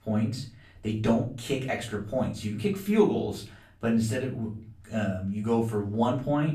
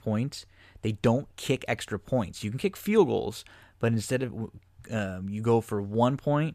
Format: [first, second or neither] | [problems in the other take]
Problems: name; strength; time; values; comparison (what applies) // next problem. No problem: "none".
second | off-mic speech; far // room echo; slight; dies away in 0.4 s